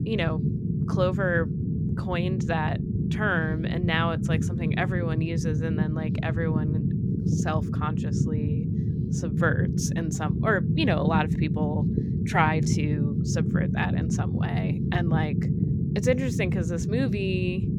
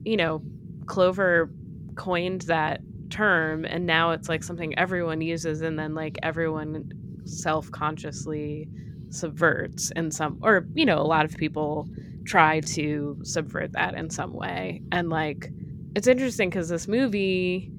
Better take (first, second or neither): second